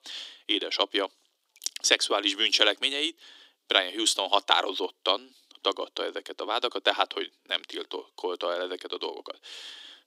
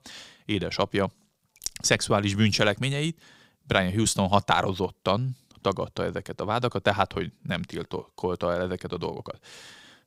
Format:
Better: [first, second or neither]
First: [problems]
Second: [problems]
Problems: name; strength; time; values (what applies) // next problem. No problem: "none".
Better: second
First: thin; somewhat; fading below 300 Hz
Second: none